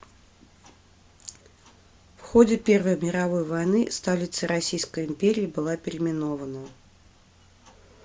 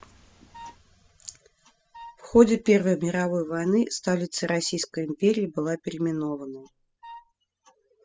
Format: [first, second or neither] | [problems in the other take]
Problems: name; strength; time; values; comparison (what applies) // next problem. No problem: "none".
first | noise reduction (classical method spectral subtraction)